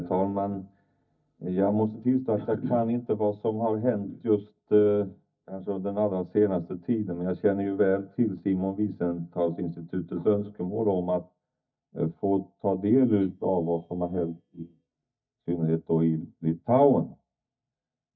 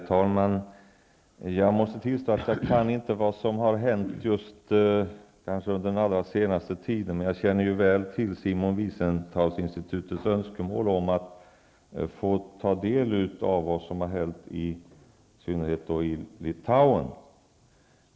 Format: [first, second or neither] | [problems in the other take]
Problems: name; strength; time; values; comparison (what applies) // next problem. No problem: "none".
second | noise reduction (neural mask model DeepFilterNet 3)